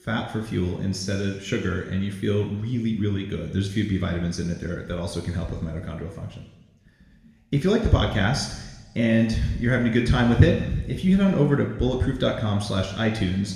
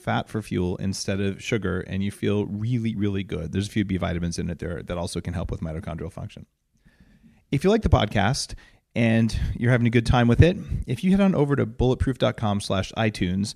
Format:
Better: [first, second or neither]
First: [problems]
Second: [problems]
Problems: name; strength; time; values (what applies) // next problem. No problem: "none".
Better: second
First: room echo; noticeable; dies away in 1.1 s // off-mic speech; somewhat distant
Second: none